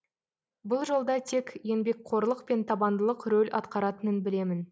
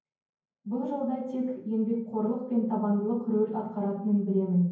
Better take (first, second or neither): first